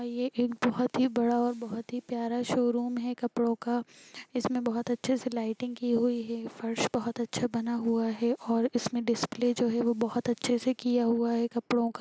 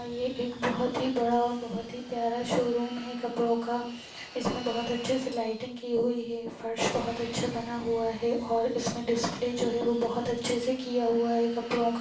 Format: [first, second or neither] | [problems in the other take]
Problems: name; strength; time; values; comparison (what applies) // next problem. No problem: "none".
first | background sound (Fixed-wing aircraft, airplane); 18 dB below the speech // room echo; dies away in 0.3 s